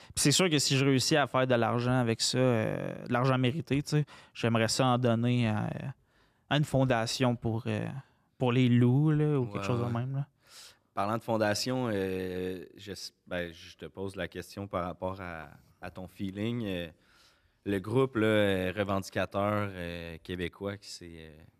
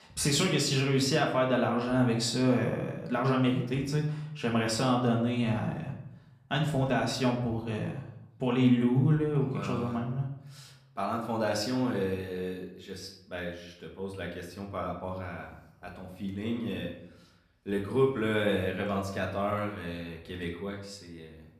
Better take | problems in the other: first | room echo; slight; dies away in 0.6 s // off-mic speech; somewhat distant

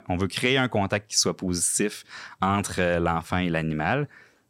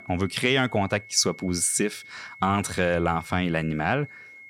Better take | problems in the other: first | high-pitched whine; noticeable; throughout; 2 kHz, 20 dB below the speech

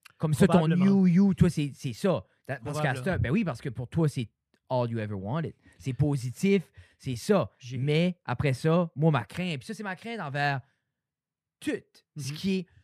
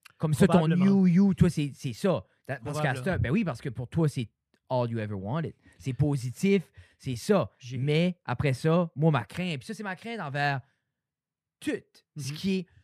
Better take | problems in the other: neither | muffled; slightly; fading above 3 kHz; the same in both

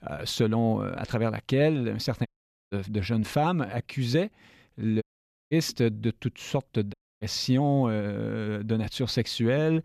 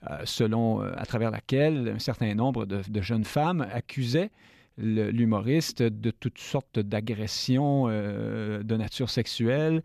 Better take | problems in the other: second | audio cutting out; at 2.5 s, at 5 s and at 7 s

